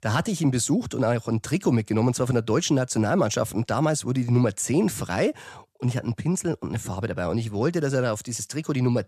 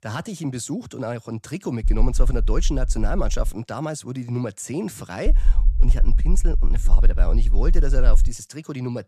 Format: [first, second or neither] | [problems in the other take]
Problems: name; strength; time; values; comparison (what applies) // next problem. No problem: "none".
first | low rumble; noticeable; from 2 to 3.5 s and from 5.5 to 8.5 s; 15 dB below the speech